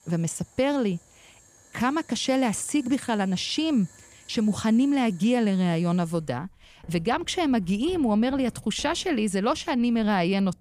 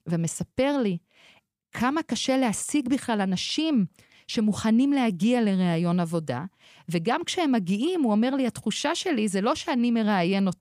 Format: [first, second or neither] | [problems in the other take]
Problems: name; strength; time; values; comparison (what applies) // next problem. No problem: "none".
second | household noises; faint; throughout; 25 dB below the speech